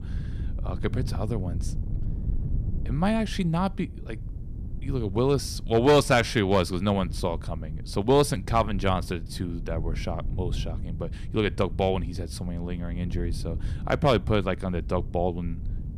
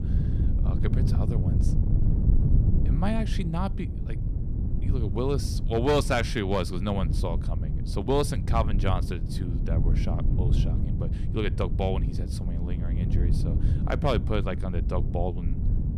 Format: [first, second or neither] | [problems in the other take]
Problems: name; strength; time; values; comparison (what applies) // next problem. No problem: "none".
first | wind noise on the microphone; heavy; 9 dB below the speech; occasional gusts in the first